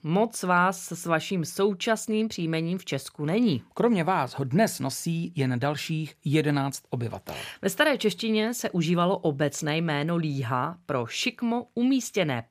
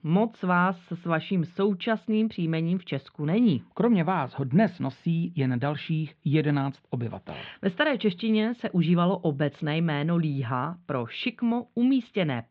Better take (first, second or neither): first